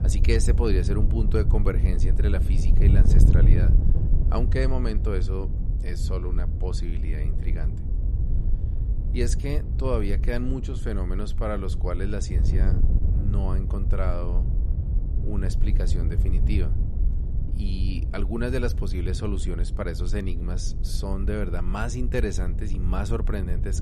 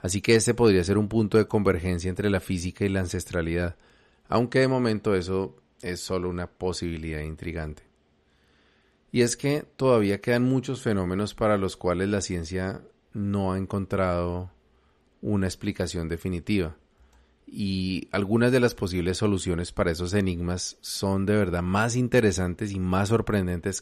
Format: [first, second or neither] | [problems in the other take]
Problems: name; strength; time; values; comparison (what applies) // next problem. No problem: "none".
second | wind noise on the microphone; heavy; 7 dB below the speech